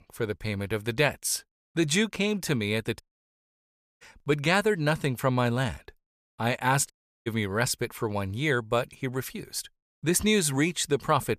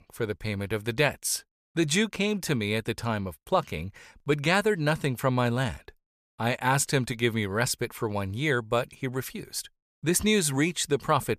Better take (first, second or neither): second